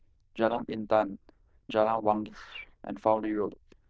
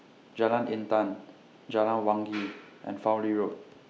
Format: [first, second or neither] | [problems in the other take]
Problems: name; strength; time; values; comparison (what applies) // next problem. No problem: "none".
second | noise reduction (neural diffusion model UNIVERSE++)